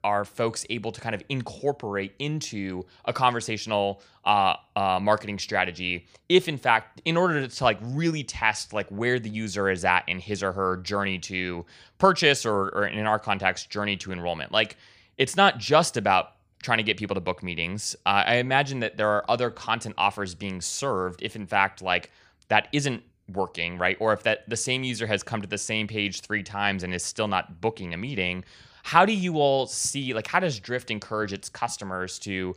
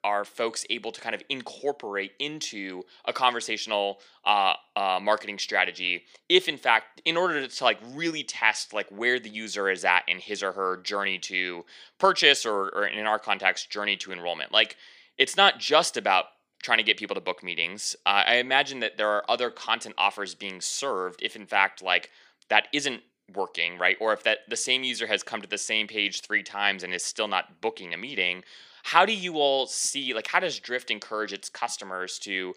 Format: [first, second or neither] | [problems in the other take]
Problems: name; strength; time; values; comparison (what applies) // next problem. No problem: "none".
first | thin; somewhat; fading below 250 Hz